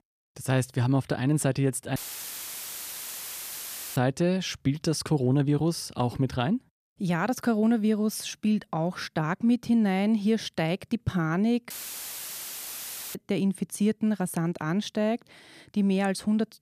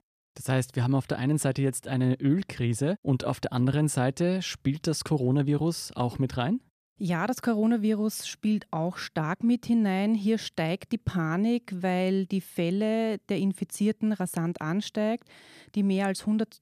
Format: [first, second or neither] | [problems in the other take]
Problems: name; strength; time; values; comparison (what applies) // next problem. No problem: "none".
second | audio cutting out; filled with static; at 2 s for 2 s and at 12 s for 1.5 s